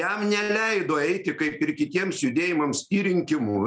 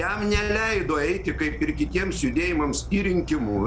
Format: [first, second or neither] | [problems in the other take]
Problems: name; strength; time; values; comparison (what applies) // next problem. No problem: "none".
first | background sound (Fireworks); 8 dB below the speech